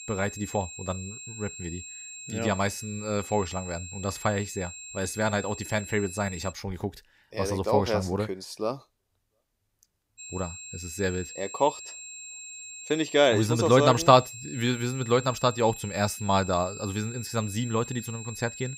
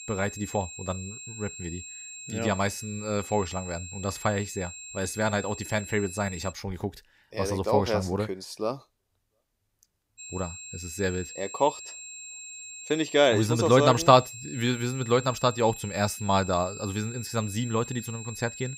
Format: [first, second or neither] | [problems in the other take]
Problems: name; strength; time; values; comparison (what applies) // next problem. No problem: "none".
neither | high-pitched whine; noticeable; until 6.5 s and from 10 s on; 7.5 kHz, 10 dB below the speech; the same in both